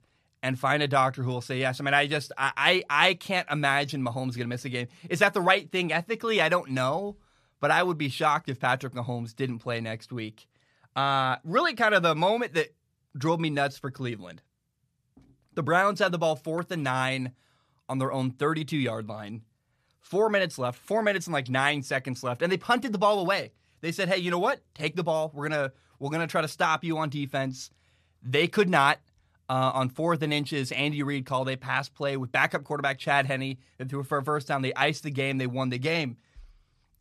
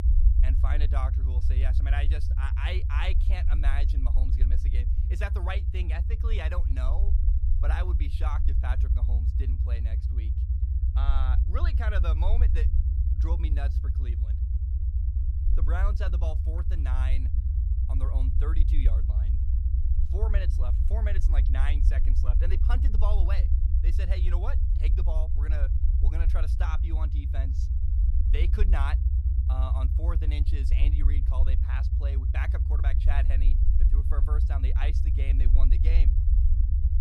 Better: first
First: none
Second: low rumble; loud; throughout; 5 dB below the speech

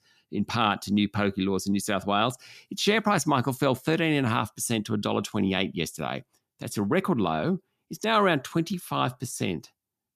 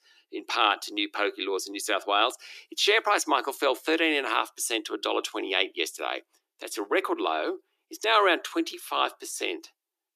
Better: first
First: none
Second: thin; very; fading below 300 Hz

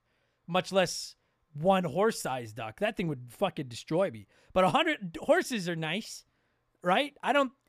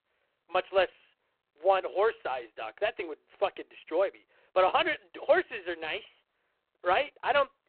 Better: first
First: none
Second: phone-call audio; poor line

